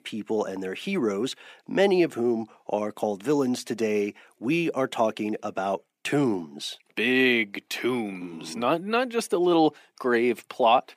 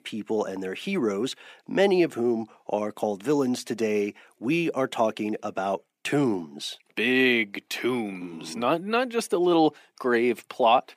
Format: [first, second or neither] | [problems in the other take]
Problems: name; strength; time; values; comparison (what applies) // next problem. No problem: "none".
neither | thin; somewhat; fading below 250 Hz; the same in both